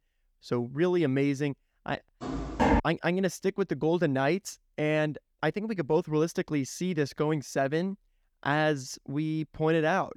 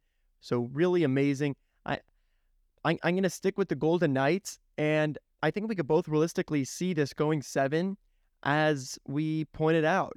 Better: second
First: footsteps; loud; at 2 s; peak 4 dB above the speech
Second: none

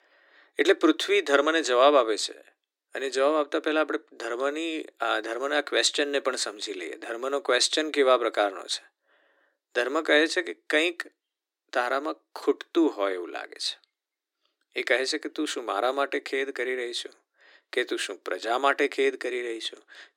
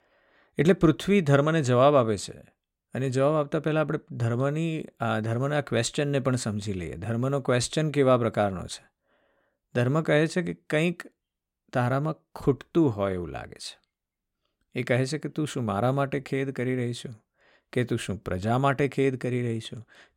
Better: second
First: thin; very; fading below 300 Hz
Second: none

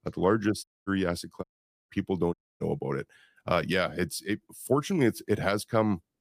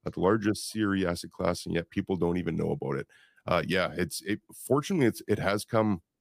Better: second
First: audio cutting out; at 0.5 s, at 1.5 s and at 2.5 s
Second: none

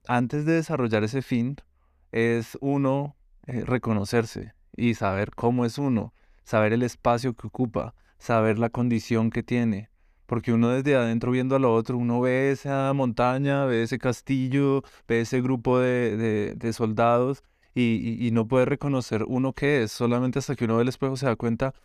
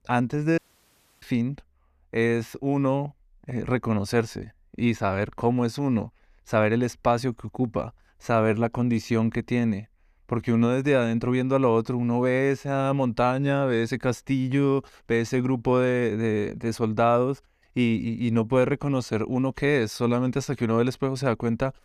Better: first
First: none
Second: audio cutting out; at 0.5 s for 0.5 s

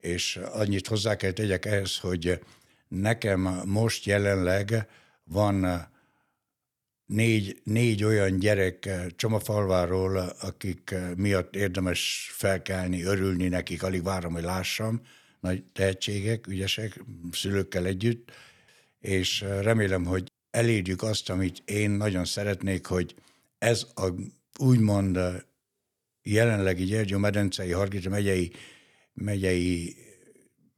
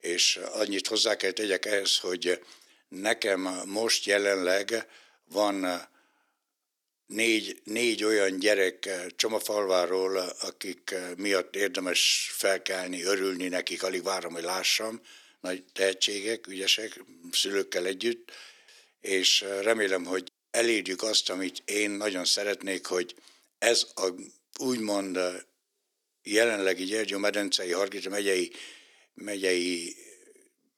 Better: first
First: none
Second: thin; somewhat; fading below 300 Hz

